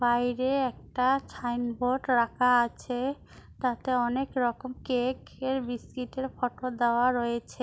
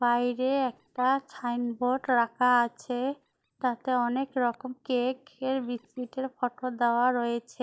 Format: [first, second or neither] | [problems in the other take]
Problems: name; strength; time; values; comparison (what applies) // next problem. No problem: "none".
first | noise reduction (neural mask model DeepFilterNet 3)